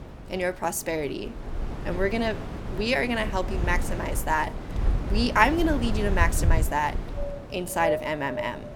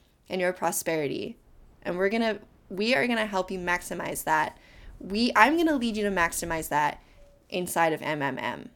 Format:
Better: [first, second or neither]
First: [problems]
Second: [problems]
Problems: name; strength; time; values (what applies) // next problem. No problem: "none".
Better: second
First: wind in the background; loud; throughout; 4 dB below the speech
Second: wind in the background; faint; throughout; 30 dB below the speech